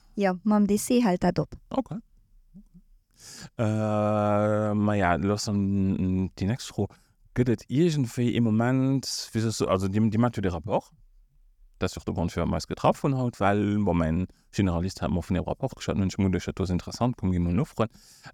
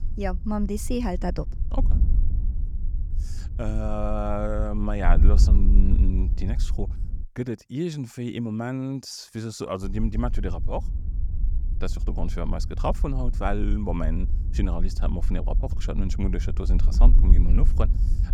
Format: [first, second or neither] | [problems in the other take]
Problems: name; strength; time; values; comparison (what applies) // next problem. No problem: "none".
first | wind noise on the microphone; occasional gusts; until 7 s and from 10 s on; 15 dB below the speech